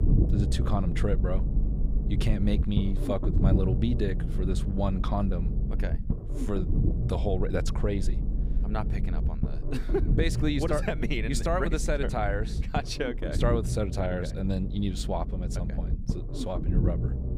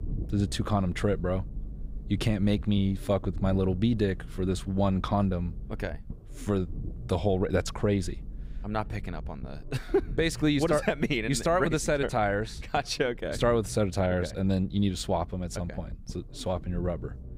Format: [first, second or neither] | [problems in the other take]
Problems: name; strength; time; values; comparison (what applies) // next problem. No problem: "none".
second | low rumble; loud; throughout; 8 dB below the speech; faint in the second